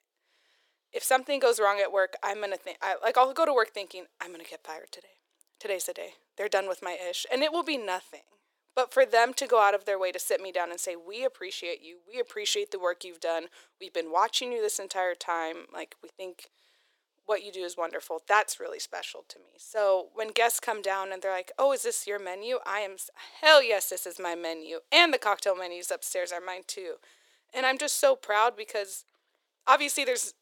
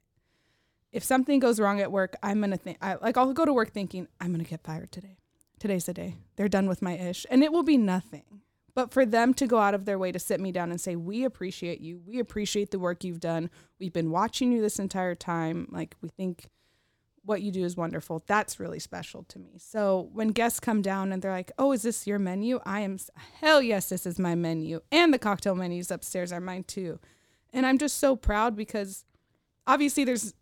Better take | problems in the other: second | thin; very; fading below 450 Hz

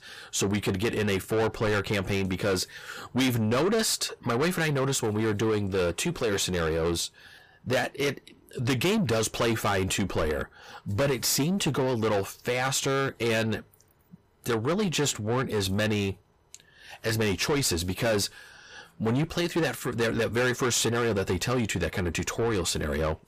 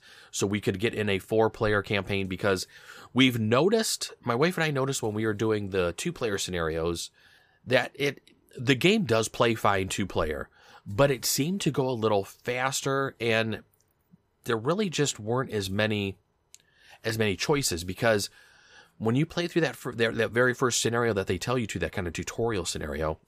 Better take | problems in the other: second | distortion; heavy; 6 dB below the speech

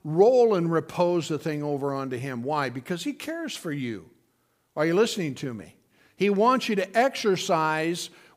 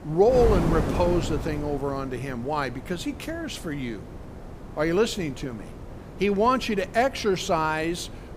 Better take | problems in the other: first | wind noise on the microphone; occasional gusts; 15 dB below the speech

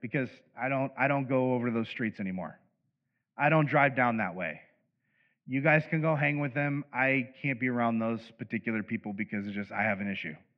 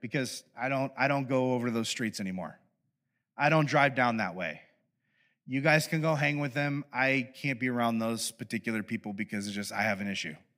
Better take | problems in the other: second | muffled; very; fading above 2.5 kHz

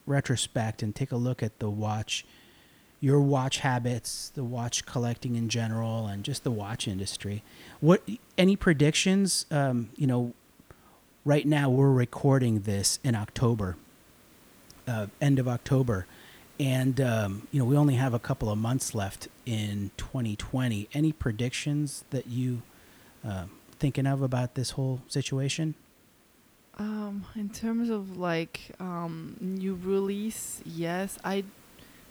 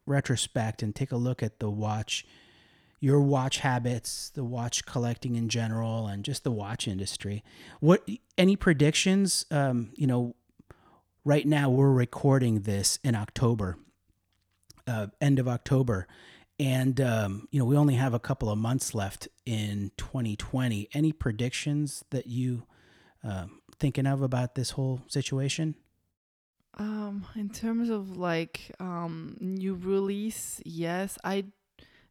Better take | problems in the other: second | hiss; faint; throughout; 30 dB below the speech

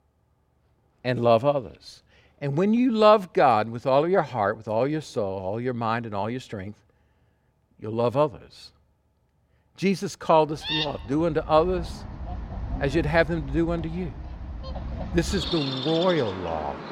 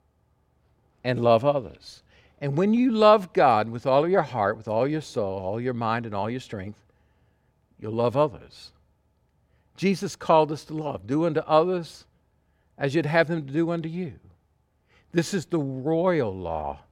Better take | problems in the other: second | animal sounds; loud; from 11 s on; 9 dB below the speech

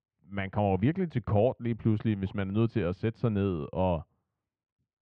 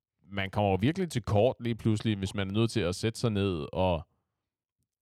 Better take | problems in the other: second | muffled; very; fading above 2 kHz

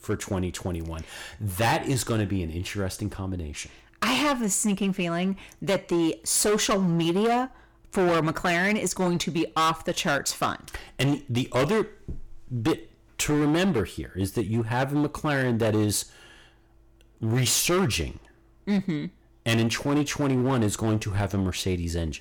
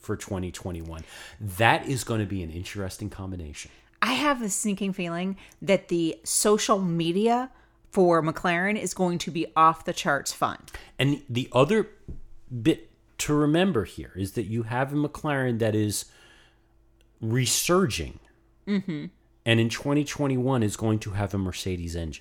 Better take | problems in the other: second | distortion; heavy; 11% of the sound clipped

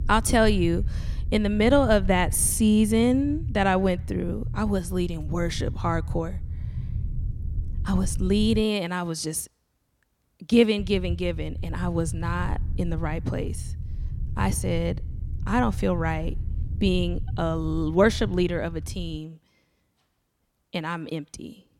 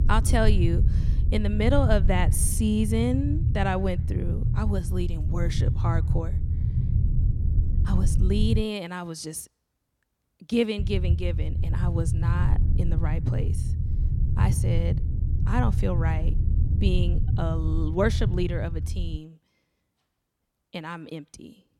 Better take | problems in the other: first | low rumble; loud; until 8.5 s and from 11 to 19 s; 9 dB below the speech; faint in the first

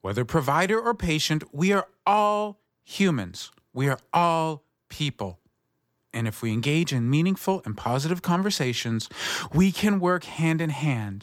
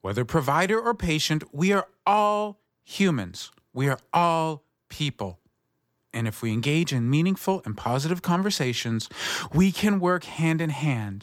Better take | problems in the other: neither | none

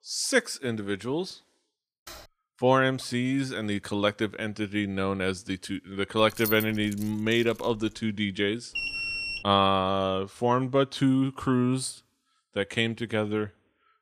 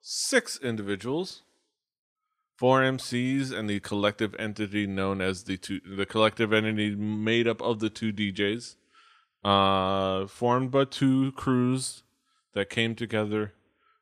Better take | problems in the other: second | keyboard typing; faint; at 2 s; peak 20 dB below the speech // jangling keys; noticeable; from 6 to 8 s; peak 5 dB below the speech // alarm; noticeable; at 9 s; peak 2 dB below the speech

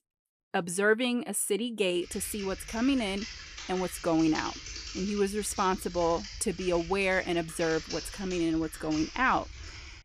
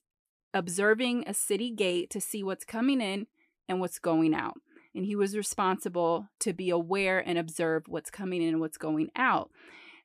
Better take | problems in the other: second | keyboard typing; noticeable; from 2 s on; peak 8 dB below the speech

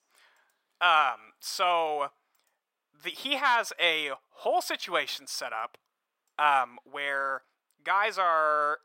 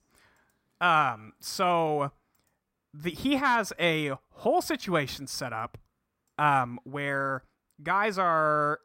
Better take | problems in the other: second | thin; very; fading below 650 Hz

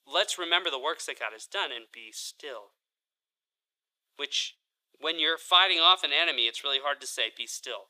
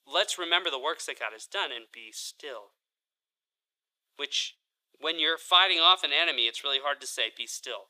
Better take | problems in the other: neither | thin; very; fading below 450 Hz; the same in both

